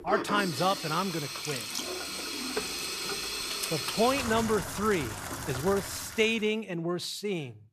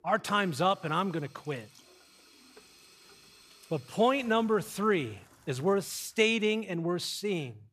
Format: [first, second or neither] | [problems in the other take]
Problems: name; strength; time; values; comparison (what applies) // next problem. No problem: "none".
second | household noises; loud; until 6 s; 4 dB below the speech; faint in the second